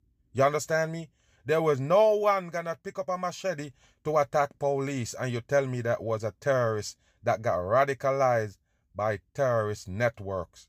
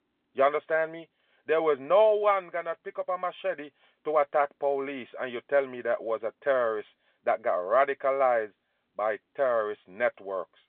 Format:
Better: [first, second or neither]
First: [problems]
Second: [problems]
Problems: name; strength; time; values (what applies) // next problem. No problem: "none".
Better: first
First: none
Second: phone-call audio